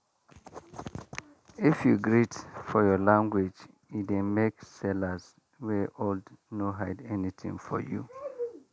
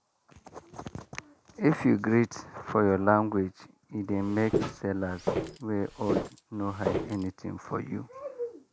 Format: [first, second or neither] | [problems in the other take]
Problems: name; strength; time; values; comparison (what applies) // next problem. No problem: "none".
first | background sound (Walk, footsteps); 4 dB below the speech